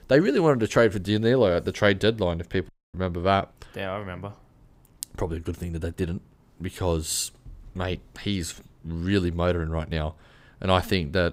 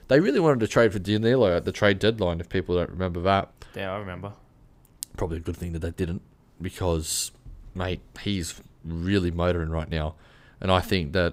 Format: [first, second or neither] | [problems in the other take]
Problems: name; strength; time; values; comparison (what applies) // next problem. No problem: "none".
second | audio cutting out; at 2.5 s